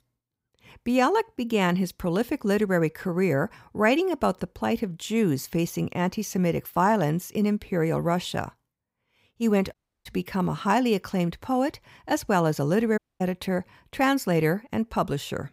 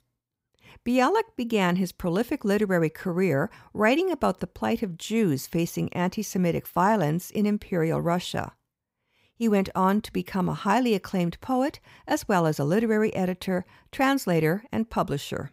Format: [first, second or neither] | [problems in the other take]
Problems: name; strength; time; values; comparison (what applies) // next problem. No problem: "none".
second | audio cutting out; at 9.5 s and at 13 s